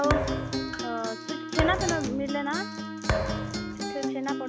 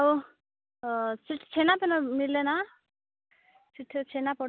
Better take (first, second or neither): second